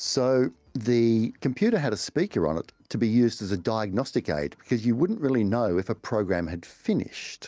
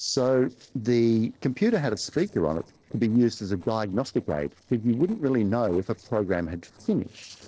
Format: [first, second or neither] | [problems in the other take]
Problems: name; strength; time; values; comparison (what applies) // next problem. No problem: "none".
first | noise reduction (neural separator model SepFormer DNS4)